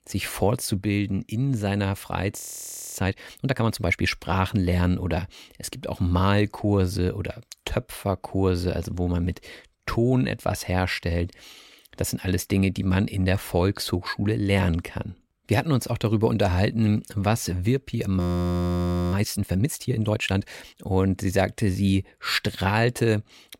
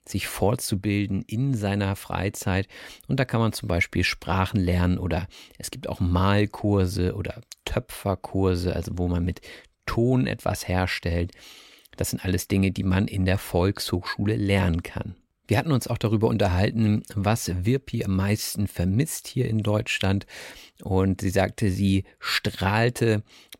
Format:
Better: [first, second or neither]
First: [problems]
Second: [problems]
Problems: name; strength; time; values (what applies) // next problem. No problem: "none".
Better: second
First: audio freezing; at 2.5 s for 0.5 s and at 18 s for 1 s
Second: none